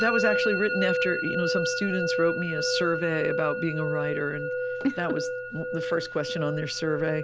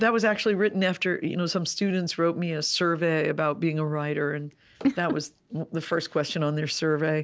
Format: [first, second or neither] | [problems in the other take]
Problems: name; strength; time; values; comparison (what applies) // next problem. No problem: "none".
second | background sound (Musical instrument); as loud as the speech